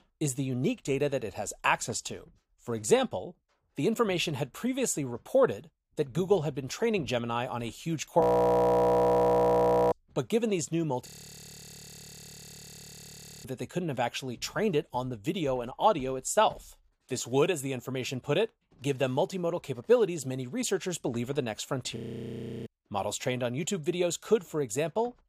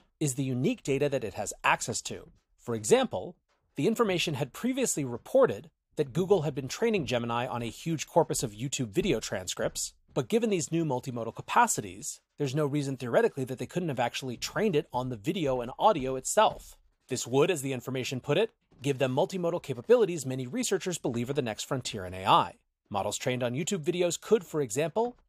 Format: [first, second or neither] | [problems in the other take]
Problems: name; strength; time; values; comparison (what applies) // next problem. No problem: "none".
second | audio freezing; at 8 s for 1.5 s, at 11 s for 2.5 s and at 22 s for 0.5 s